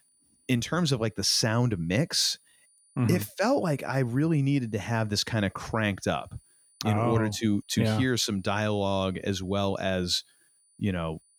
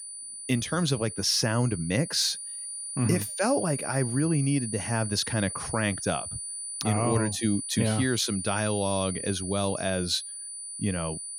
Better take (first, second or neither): first